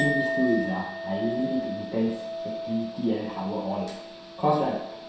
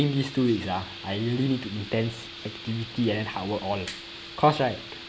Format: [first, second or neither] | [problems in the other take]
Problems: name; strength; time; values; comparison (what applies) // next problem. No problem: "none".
second | background sound (Chink, clink); 5 dB below the speech // room echo; dies away in 0.7 s